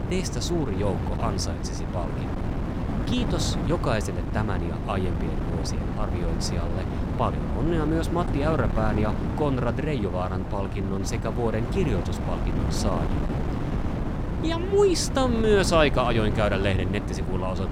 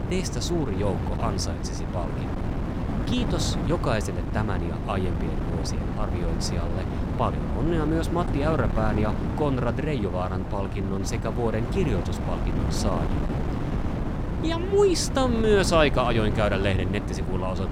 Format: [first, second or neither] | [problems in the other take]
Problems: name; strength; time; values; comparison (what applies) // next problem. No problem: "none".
neither | wind noise on the microphone; heavy; 7 dB below the speech; the same in both